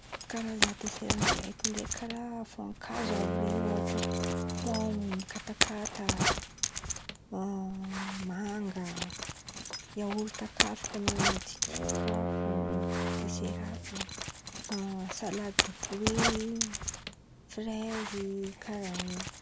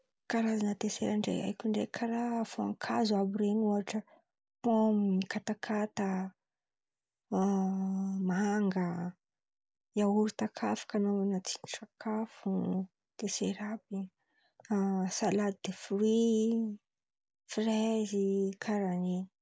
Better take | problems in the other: second | background sound (Zipper (clothing) + Brass instrument); 4 dB above the speech

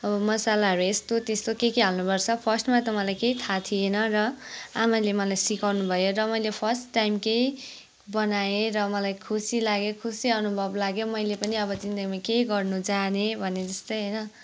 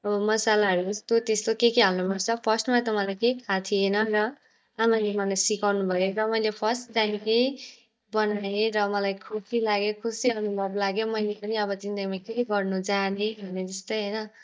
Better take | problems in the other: first | noise reduction (neural mask model DeepFilterNet 3)

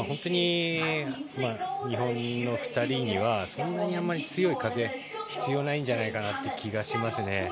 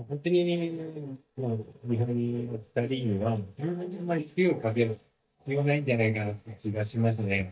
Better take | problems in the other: first | noise reduction (neural mask model DeepFilterNet 3)

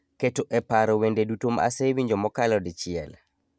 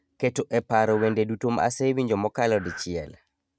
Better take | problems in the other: first | noise reduction (neural mask model RNNoise)

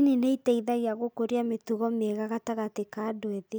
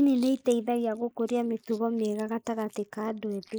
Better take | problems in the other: first | noise reduction (neural mask model Resemble Enhance denoiser)

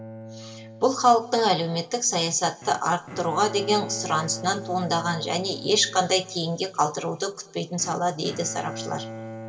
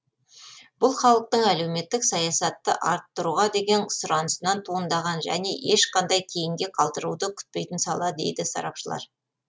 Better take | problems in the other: second | background sound (Bowed string instrument); 14 dB below the speech // room echo; dies away in 1.5 s

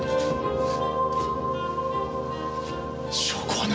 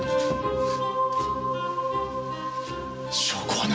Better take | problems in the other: second | background sound (Brass instrument); 6 dB below the speech

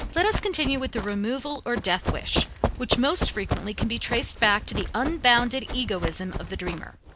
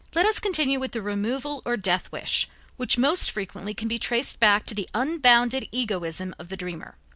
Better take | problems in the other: second | background sound (Run); 5 dB below the speech

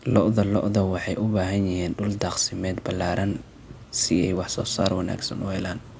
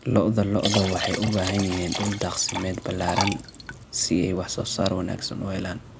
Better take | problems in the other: first | background sound (Liquid); 6 dB below the speech

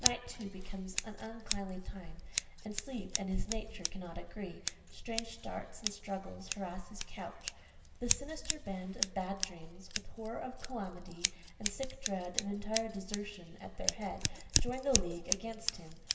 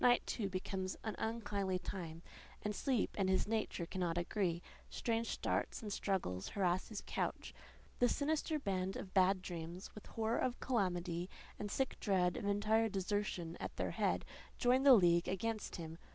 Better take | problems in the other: second | background sound (Scissors); as loud as the speech // room echo; dies away in 1.4 s

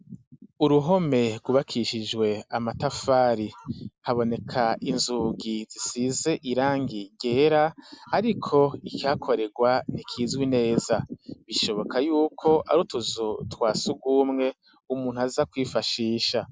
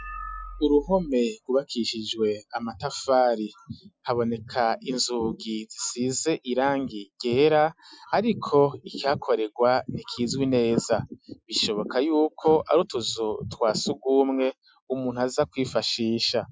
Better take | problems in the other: first | noise reduction (classical method Wiener filter)

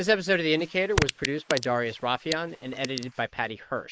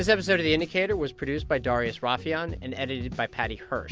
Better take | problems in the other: second | noise reduction (neural mask model Resemble Enhance denoiser)

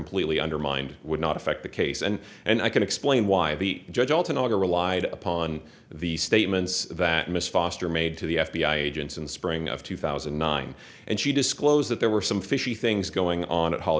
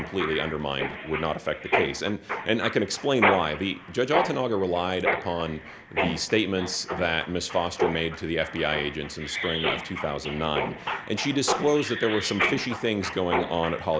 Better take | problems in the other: first | background sound (Mechanisms); 4 dB below the speech

